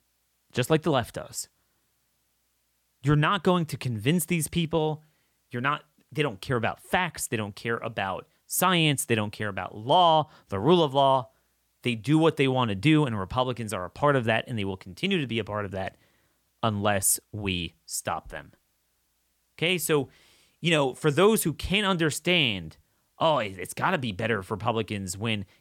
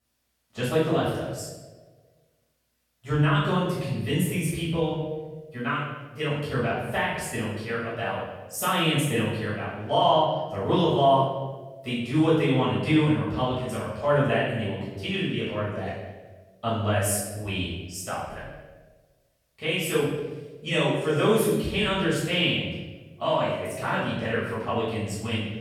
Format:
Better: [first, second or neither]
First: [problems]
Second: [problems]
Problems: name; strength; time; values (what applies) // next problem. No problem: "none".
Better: first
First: none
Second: off-mic speech; far // room echo; strong; dies away in 1.1 s